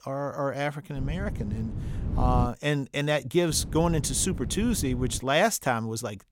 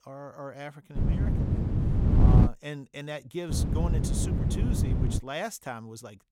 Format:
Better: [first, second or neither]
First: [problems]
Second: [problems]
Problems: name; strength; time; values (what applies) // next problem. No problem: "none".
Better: first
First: wind noise on the microphone; occasional gusts; from 1 to 2.5 s and from 3.5 to 5 s; 15 dB below the speech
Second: wind noise on the microphone; heavy; from 1 to 2.5 s and from 3.5 to 5 s; 1 dB above the speech